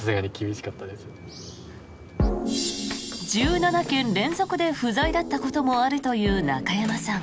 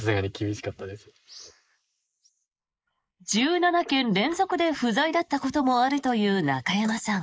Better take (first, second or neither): first